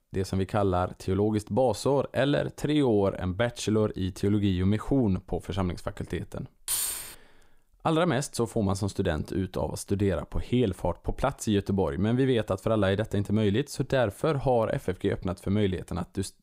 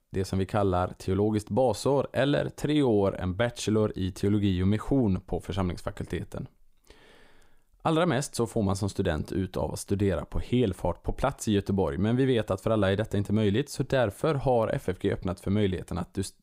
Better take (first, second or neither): second